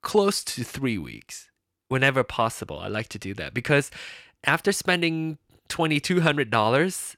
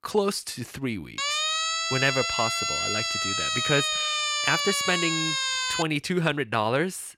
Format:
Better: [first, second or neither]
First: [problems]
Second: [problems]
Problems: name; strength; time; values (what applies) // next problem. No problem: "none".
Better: first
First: none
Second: siren; loud; from 1 to 6 s; peak 4 dB above the speech